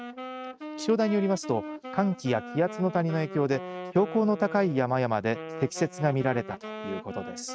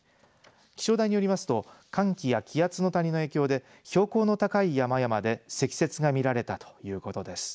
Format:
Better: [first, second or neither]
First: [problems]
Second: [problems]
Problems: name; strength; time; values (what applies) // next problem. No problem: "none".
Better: second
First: noise reduction (neural mask model RNNoise)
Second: none